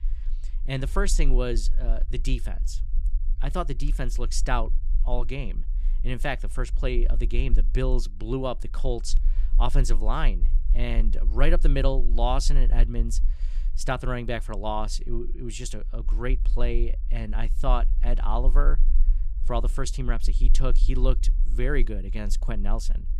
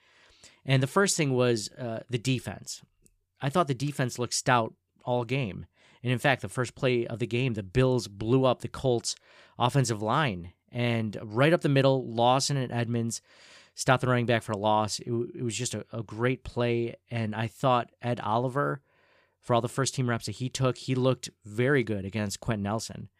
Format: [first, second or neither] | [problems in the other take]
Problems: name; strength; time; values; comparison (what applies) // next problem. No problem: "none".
second | low rumble; faint; throughout; 20 dB below the speech